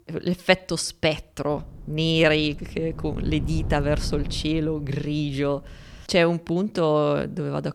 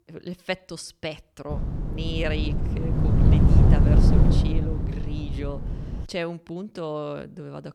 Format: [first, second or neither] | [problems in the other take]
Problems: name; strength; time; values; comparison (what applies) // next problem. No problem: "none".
first | wind noise on the microphone; heavy; from 1.5 to 6 s; 1 dB above the speech; occasional gusts in the first